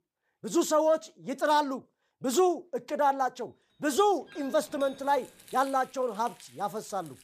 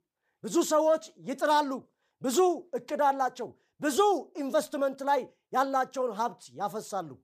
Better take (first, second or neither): second